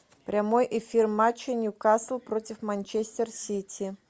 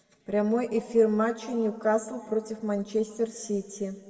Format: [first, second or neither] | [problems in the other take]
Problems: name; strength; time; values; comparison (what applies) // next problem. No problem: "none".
first | room echo; dies away in 1.4 s